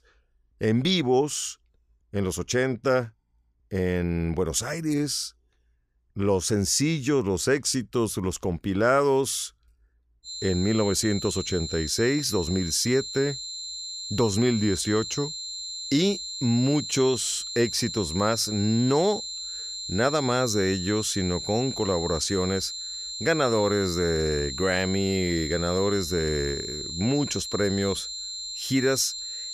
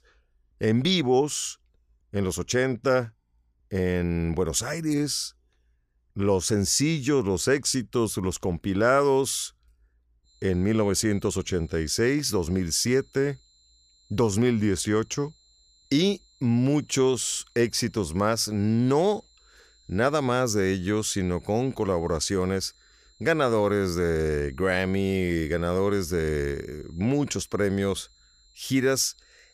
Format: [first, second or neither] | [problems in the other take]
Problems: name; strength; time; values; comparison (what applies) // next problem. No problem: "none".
second | high-pitched whine; loud; from 10 s on; 4 kHz, 7 dB below the speech; faint in the second